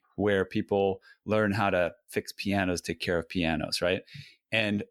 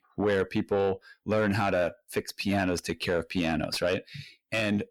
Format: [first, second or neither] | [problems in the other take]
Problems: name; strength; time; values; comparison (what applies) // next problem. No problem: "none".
first | distortion; slight; 10 dB below the speech